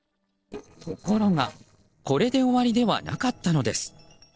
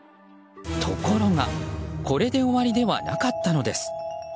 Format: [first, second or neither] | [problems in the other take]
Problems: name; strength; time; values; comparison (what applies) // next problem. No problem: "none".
second | noise reduction (neural separator model SepFormer DNS4)